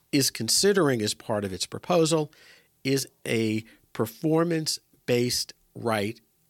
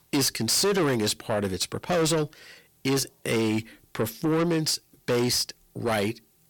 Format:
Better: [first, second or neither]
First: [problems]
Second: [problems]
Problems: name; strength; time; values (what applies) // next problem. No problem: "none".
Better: first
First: none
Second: distortion; heavy; 7 dB below the speech